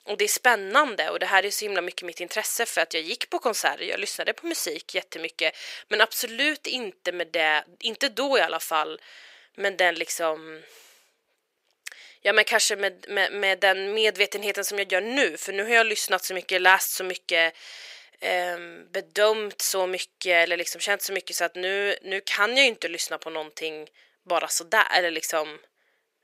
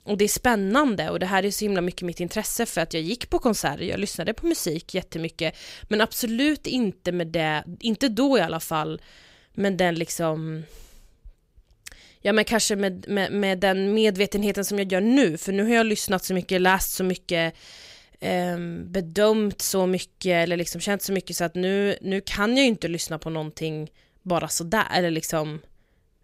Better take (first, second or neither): second